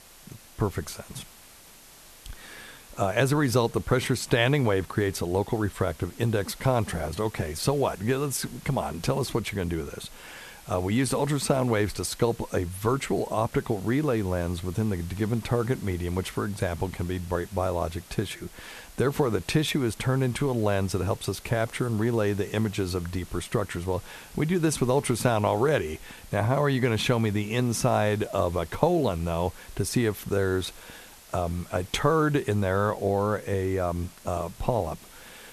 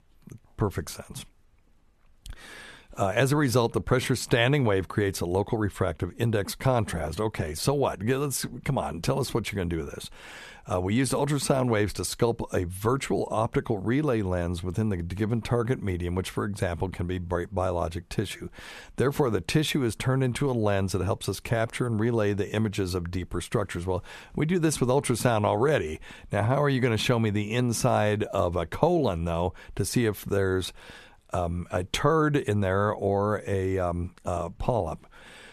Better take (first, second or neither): second